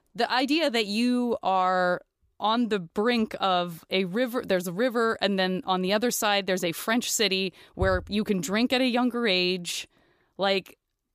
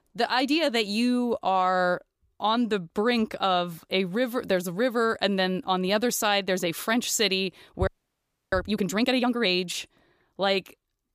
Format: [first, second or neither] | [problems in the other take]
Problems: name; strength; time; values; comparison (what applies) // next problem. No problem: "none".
first | audio freezing; at 8 s for 0.5 s